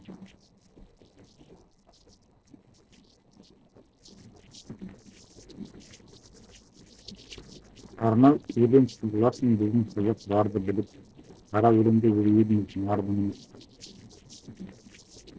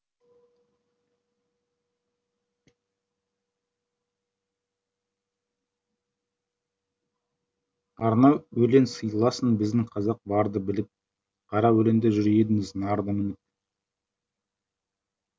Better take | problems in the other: second | noise reduction (neural separator model SepFormer DNS4)

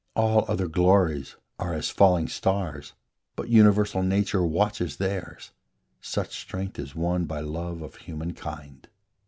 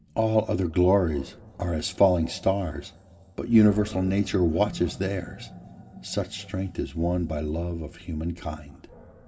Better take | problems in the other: first | background sound (Animal); 20 dB below the speech // room echo; dies away in 2.1 s

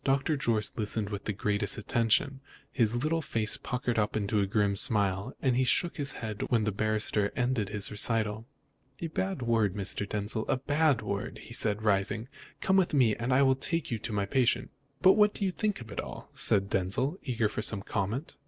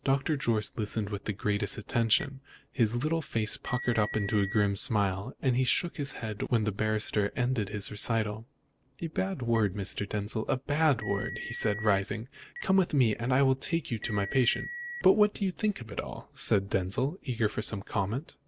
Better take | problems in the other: first | background sound (Telephone); 13 dB below the speech

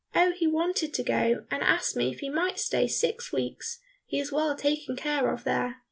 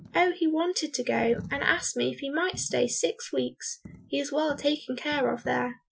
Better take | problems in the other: first | noise reduction (classical method Wiener filter)

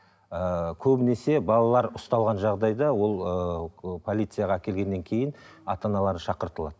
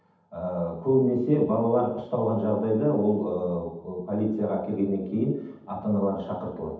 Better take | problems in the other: first | room echo; dies away in 0.8 s

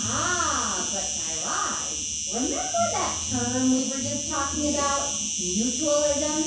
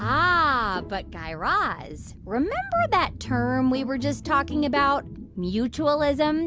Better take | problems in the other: second | background sound (Insect); 1 dB below the speech // room echo; dies away in 0.7 s

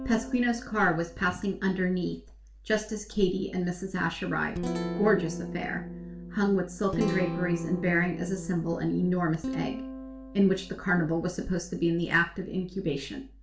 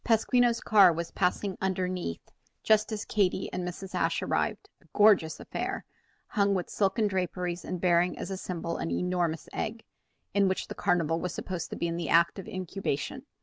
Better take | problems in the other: second | background sound (Guitar); 9 dB below the speech // room echo; dies away in 0.4 s

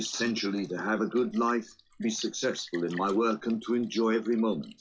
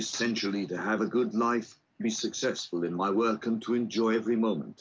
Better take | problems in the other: second | noise reduction (classical method log-MMSE)

